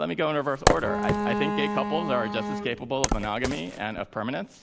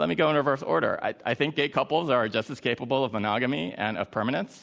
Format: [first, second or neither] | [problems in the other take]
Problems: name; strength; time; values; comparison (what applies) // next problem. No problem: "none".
second | background sound (Bowed string instrument + Wood); as loud as the speech